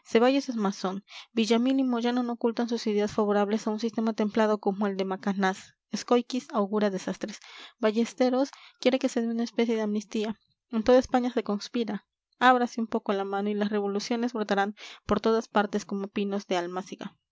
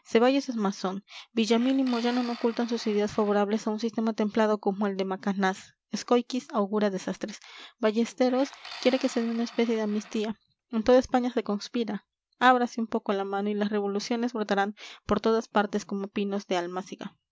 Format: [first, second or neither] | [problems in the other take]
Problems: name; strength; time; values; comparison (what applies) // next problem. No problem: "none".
first | background sound (Tools); 19 dB below the speech